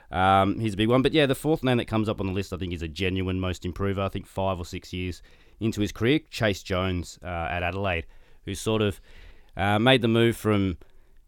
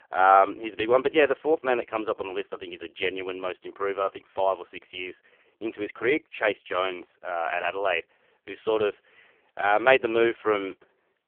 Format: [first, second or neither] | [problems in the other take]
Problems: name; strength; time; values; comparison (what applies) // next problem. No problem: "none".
first | phone-call audio; poor line; nothing above 3 kHz